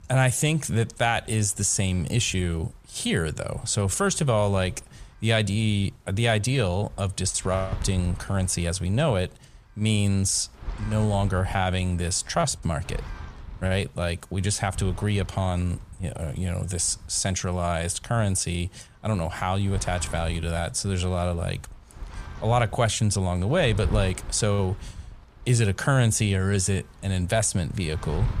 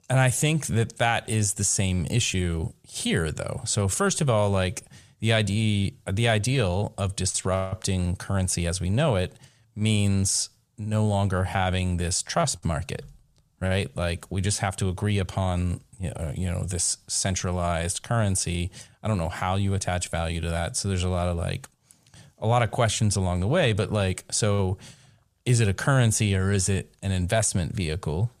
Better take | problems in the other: second | wind noise on the microphone; occasional gusts; 20 dB below the speech

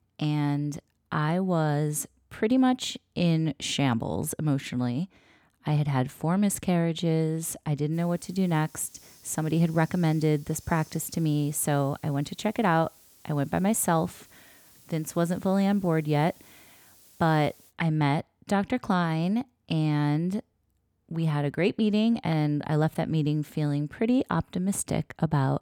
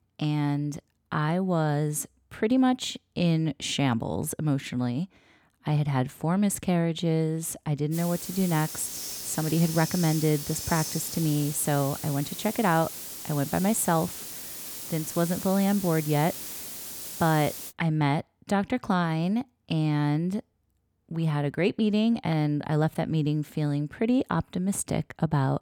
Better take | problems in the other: first | hiss; loud; from 8 to 18 s; 8 dB below the speech; faint in the first

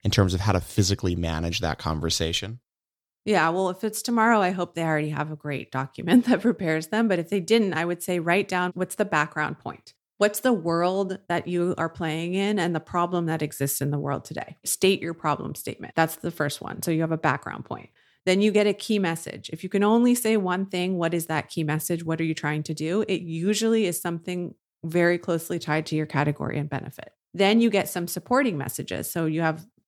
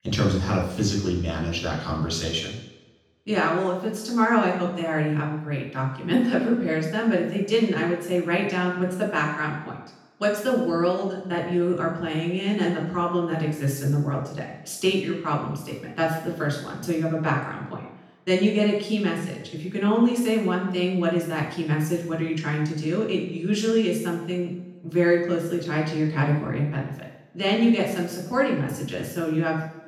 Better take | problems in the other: first | room echo; noticeable; dies away in 0.9 s // off-mic speech; far

